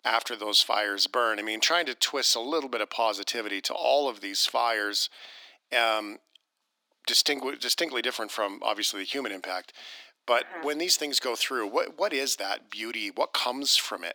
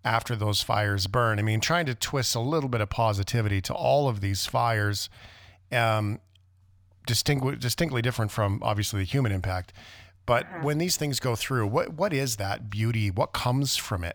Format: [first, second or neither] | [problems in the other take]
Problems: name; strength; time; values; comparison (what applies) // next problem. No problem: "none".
second | thin; very; fading below 300 Hz